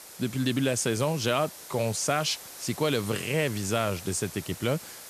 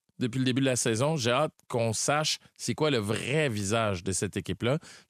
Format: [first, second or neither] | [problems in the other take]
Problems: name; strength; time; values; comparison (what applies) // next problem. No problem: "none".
second | hiss; noticeable; throughout; 15 dB below the speech